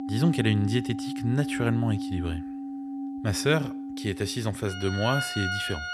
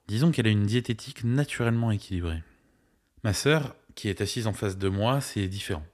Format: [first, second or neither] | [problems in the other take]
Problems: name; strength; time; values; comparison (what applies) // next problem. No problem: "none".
second | background music; loud; throughout; 5 dB below the speech